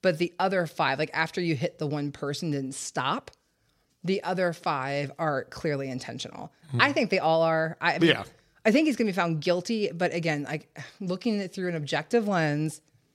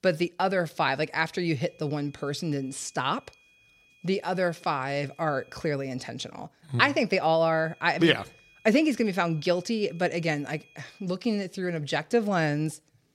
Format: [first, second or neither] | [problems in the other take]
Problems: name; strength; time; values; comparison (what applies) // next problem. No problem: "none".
first | high-pitched whine; faint; from 1.5 to 5.5 s and from 7.5 to 11 s; 2.5 kHz, 30 dB below the speech